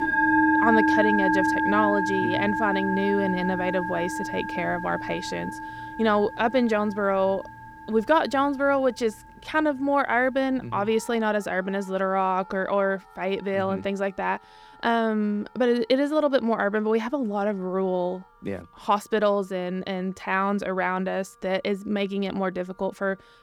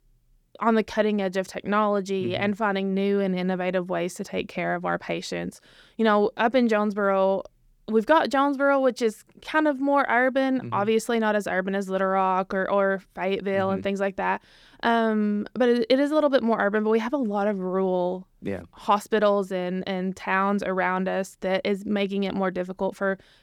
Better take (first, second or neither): second